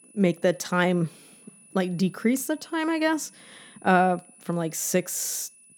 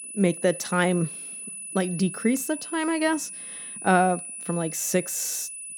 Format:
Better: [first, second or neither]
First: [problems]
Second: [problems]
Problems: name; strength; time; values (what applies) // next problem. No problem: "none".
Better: first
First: high-pitched whine; faint; throughout; 10 kHz, 25 dB below the speech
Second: high-pitched whine; loud; throughout; 10 kHz, 9 dB below the speech